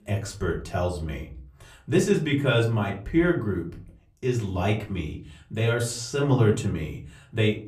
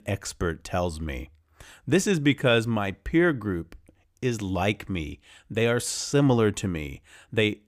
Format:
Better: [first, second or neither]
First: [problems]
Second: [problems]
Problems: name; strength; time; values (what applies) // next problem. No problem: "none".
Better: second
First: off-mic speech; far // room echo; very slight; dies away in 0.4 s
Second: none